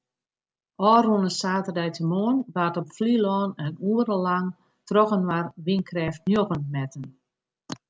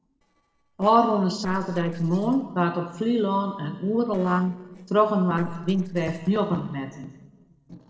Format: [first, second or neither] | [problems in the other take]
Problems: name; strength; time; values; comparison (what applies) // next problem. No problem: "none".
first | noise reduction (neural separator model SepFormer DNS4)